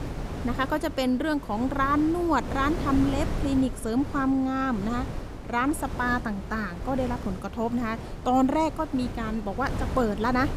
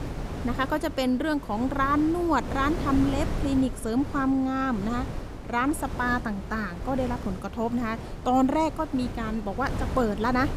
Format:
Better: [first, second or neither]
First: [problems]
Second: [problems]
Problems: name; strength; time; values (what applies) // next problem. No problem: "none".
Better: neither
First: wind noise on the microphone; occasional gusts; 10 dB below the speech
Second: wind noise on the microphone; occasional gusts; 10 dB below the speech